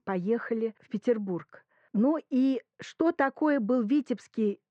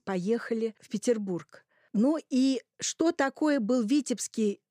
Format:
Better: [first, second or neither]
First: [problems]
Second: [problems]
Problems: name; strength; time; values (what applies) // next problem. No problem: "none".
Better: second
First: muffled; very; fading above 2 kHz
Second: none